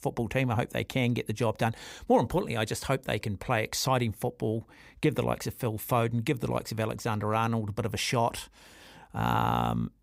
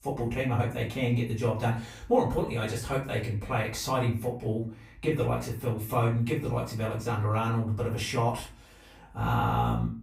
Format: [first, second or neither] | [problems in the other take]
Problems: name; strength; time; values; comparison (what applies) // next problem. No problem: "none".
first | off-mic speech; far // room echo; slight; dies away in 0.4 s